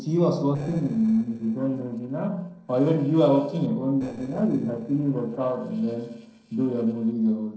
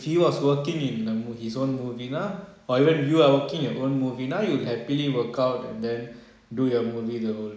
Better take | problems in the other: second | noise reduction (neural separator model SepFormer DNS4)

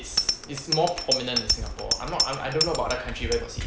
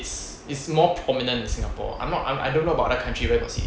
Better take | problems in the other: second | background sound (Bicycle bell); as loud as the speech

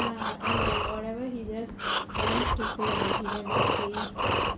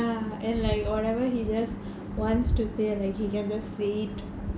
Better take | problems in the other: second | background sound (Breathing); 5 dB above the speech

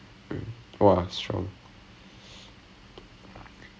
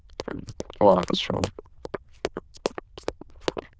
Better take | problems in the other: first | noise reduction (neural diffusion model UNIVERSE++)

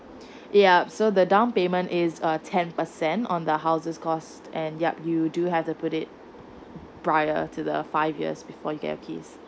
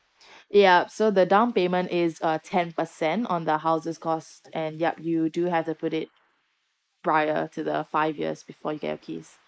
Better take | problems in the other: first | noise reduction (neural mask model Resemble Enhance denoiser)

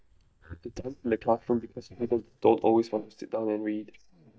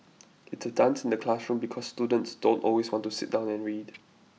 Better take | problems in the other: second | noise reduction (neural mask model DeepFilterNet 3)

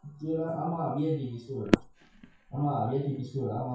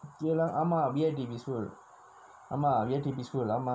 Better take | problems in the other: second | noise reduction (classical method WPE with log-MMSE)

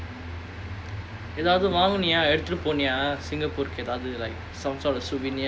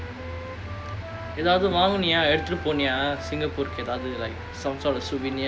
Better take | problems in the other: first | background sound (Wind instrument, woodwind instrument); 15 dB below the speech

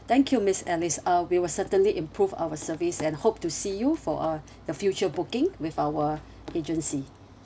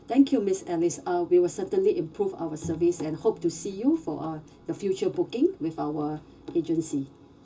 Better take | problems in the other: first | background sound (Bowed string instrument); 19 dB below the speech // room echo; dies away in 0.2 s

